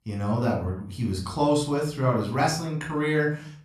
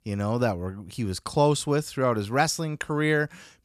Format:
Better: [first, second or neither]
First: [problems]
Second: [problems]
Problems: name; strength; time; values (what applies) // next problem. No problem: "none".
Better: second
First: off-mic speech; somewhat distant // room echo; slight; dies away in 0.4 s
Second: none